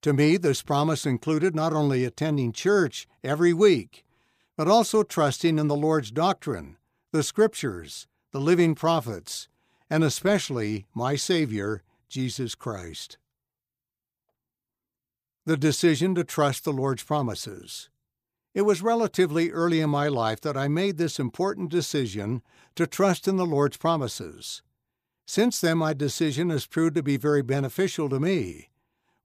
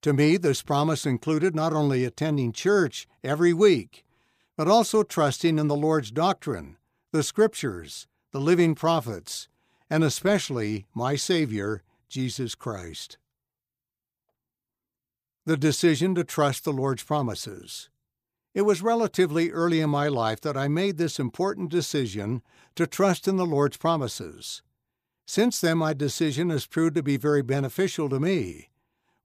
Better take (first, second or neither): neither